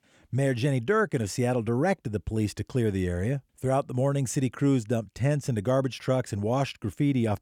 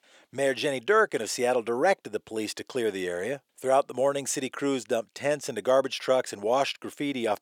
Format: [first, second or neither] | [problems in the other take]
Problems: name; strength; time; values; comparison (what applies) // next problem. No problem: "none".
first | thin; somewhat; fading below 500 Hz